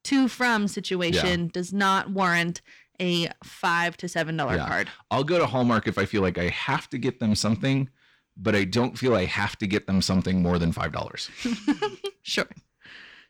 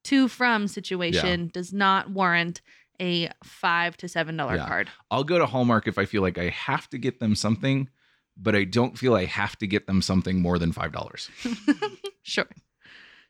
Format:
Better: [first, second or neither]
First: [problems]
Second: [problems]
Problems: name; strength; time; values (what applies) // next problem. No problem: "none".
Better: second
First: distortion; slight; 10 dB below the speech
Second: none